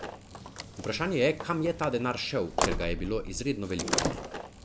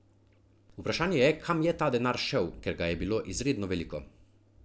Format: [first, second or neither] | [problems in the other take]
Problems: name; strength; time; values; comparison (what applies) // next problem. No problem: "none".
second | background sound (Slam); 3 dB below the speech